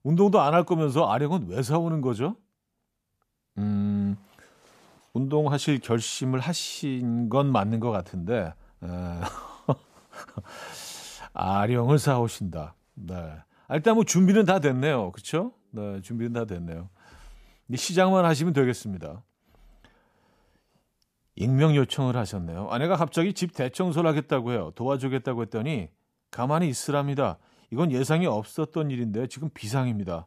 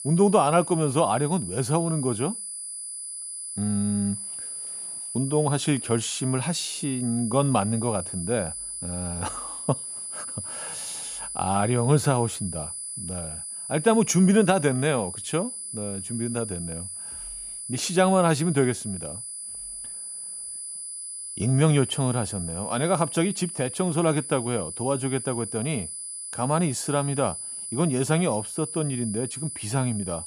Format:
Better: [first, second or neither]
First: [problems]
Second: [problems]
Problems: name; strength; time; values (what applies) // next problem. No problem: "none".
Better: first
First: none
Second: high-pitched whine; loud; throughout; 10 kHz, 7 dB below the speech